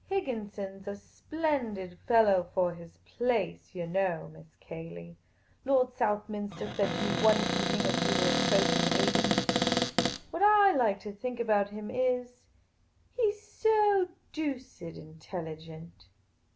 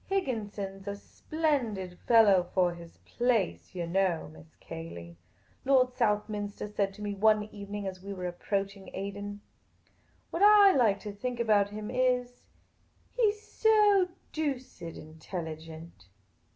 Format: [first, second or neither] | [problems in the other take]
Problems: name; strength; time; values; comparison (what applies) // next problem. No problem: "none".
second | background sound (Cupboard open or close); 2 dB above the speech